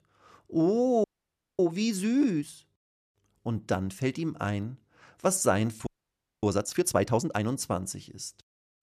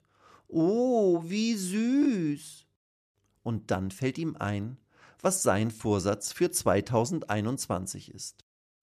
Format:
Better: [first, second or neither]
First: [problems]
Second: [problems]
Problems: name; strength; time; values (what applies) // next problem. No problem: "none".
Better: second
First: audio freezing; at 1 s for 0.5 s and at 6 s for 0.5 s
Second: none